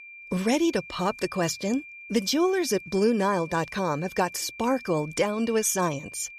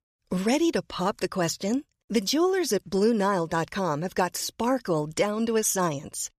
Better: second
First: high-pitched whine; noticeable; throughout; 2.5 kHz, 15 dB below the speech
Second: none

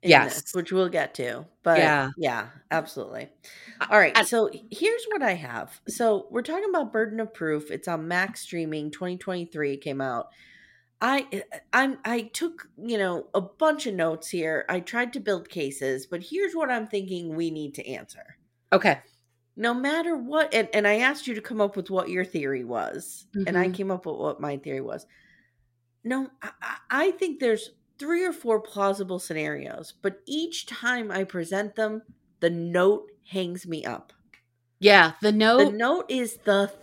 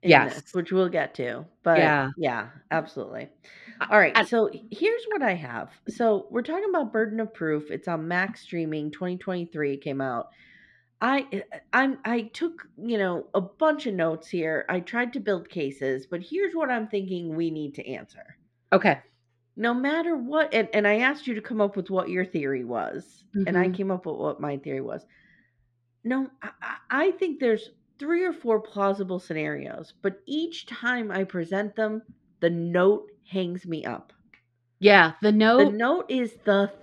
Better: first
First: none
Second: muffled; very slightly; fading above 3.5 kHz

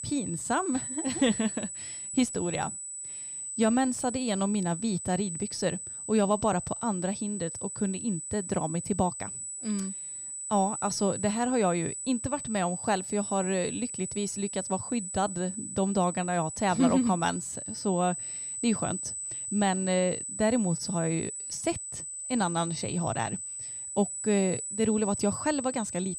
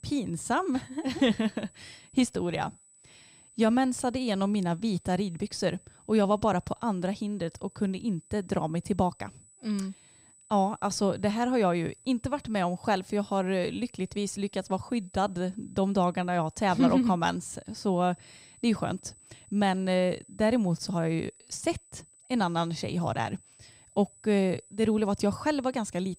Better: second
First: high-pitched whine; loud; throughout; 8 kHz, 5 dB below the speech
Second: high-pitched whine; faint; throughout; 8 kHz, 25 dB below the speech

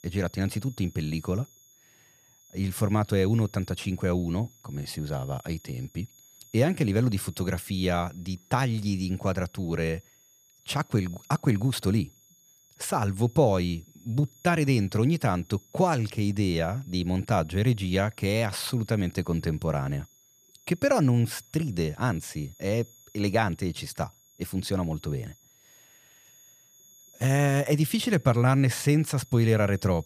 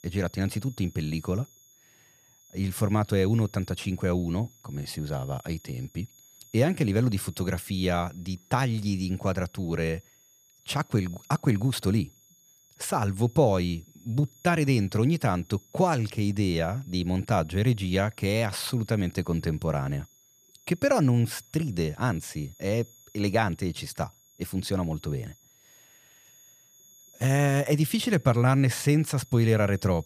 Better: neither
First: high-pitched whine; faint; throughout; 6.5 kHz, 25 dB below the speech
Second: high-pitched whine; faint; throughout; 6.5 kHz, 25 dB below the speech

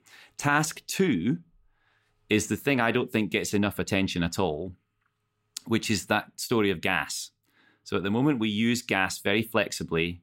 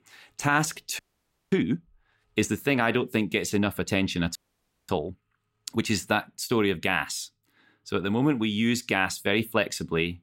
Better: first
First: none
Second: audio freezing; at 1 s for 0.5 s and at 4.5 s for 0.5 s

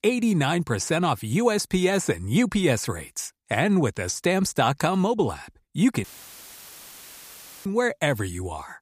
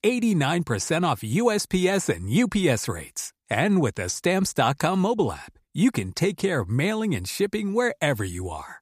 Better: second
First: audio cutting out; filled with static; at 6 s for 1.5 s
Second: none

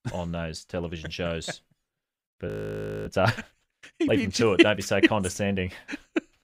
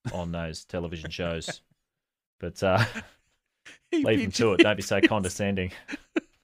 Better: second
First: audio freezing; at 2.5 s for 0.5 s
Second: none

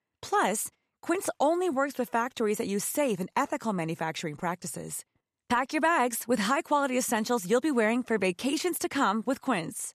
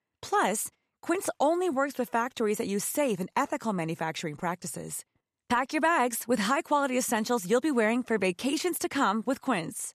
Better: neither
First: none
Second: none

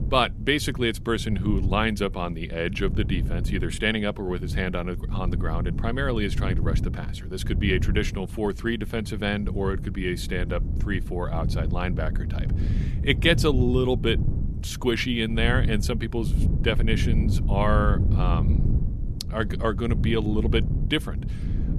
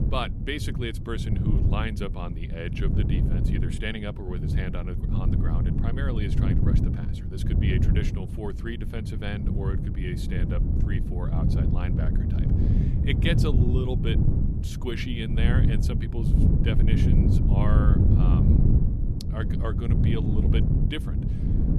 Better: first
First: wind noise on the microphone; occasional gusts; 15 dB below the speech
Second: wind noise on the microphone; heavy; 1 dB below the speech

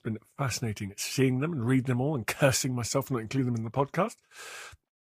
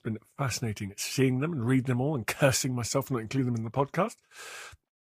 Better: neither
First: garbled, watery; slightly; nothing above 15.5 kHz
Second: garbled, watery; slightly; nothing above 15.5 kHz

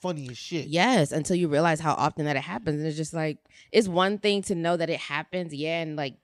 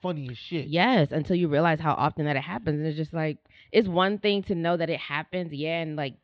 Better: first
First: none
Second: muffled; very slightly; fading above 4 kHz

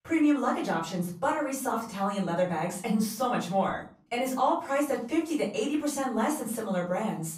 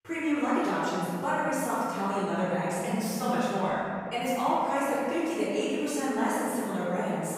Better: first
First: room echo; slight; dies away in 0.4 s // off-mic speech; far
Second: room echo; strong; dies away in 2.6 s // off-mic speech; far

